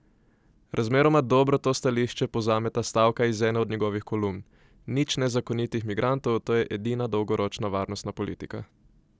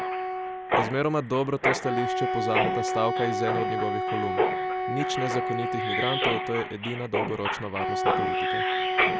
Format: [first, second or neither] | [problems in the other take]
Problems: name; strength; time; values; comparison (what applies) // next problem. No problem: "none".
first | background sound (Mechanisms + Wind instrument, woodwind instrument); 4 dB above the speech